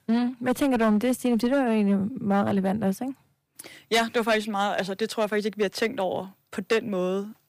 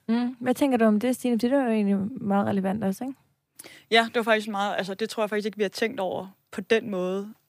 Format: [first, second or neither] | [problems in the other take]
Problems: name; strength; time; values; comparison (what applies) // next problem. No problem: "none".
second | distortion; slight; 5% of the sound clipped